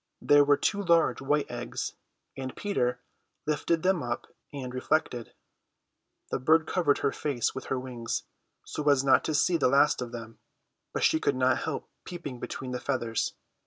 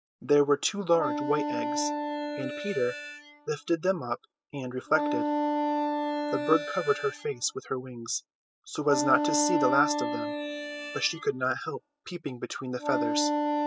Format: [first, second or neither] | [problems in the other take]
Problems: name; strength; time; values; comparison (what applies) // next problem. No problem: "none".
first | noise reduction (classical method spectral subtraction)